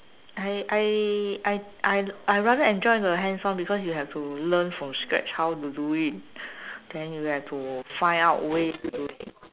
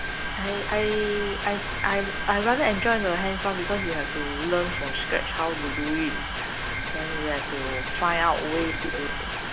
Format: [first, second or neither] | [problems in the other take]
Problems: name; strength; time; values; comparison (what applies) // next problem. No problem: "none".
first | background sound (Mechanisms); 2 dB below the speech